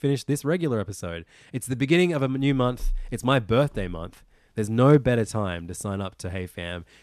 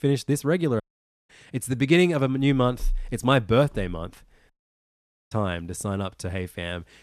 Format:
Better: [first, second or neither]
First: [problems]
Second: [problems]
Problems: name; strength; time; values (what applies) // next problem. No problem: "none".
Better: first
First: none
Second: audio cutting out; at 1 s and at 4.5 s for 1 s